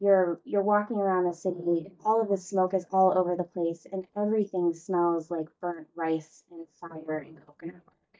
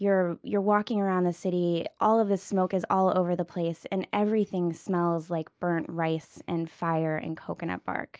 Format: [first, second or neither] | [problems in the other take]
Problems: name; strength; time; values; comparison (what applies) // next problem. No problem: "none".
second | noise reduction (neural mask model DeepFilterNet 3)